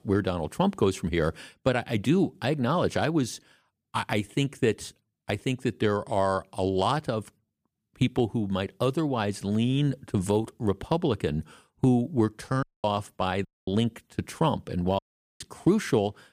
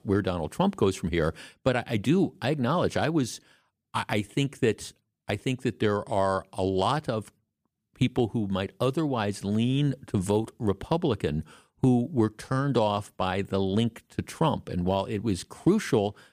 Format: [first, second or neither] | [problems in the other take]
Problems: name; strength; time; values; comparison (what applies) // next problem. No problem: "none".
second | audio cutting out; at 13 s and at 15 s